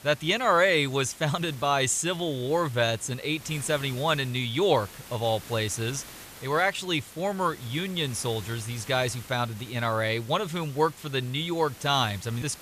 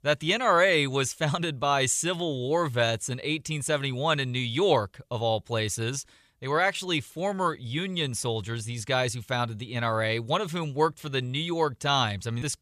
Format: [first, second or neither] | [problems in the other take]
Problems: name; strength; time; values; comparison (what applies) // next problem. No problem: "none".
second | hiss; noticeable; throughout; 20 dB below the speech